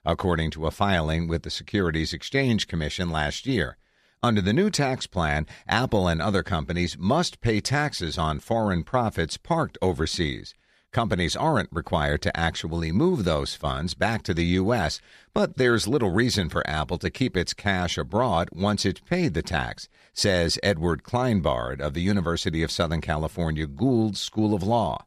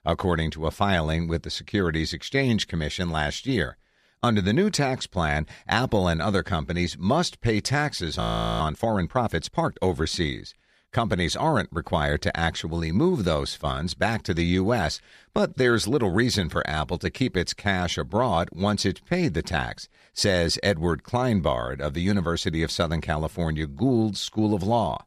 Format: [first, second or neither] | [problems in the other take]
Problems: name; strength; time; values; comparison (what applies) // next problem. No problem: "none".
first | audio freezing; at 8 s